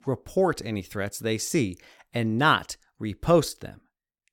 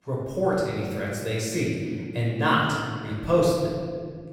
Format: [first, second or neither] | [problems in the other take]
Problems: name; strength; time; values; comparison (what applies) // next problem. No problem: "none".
first | room echo; noticeable; dies away in 1.8 s // off-mic speech; far